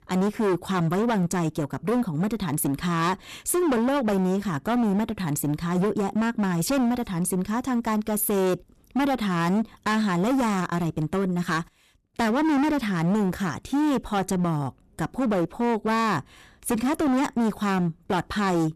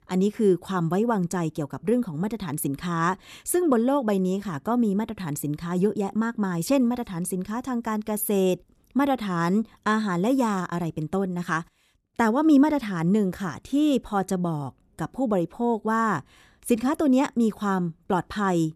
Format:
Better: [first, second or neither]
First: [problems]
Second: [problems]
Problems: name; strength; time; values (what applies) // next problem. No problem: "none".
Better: second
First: distortion; heavy; 22% of the sound clipped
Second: none